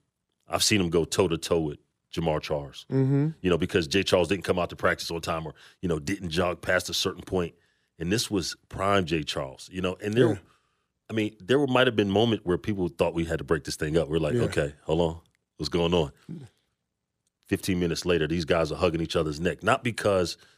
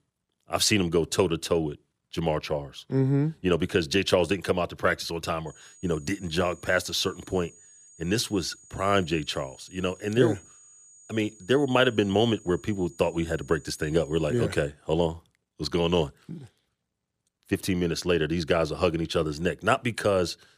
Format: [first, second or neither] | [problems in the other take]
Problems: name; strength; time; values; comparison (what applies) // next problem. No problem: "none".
first | high-pitched whine; faint; from 5.5 to 14 s; 6.5 kHz, 25 dB below the speech